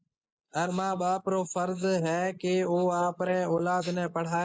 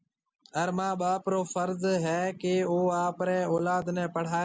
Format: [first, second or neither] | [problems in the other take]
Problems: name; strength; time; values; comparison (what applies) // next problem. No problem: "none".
second | noise reduction (neural mask model Resemble Enhance denoiser)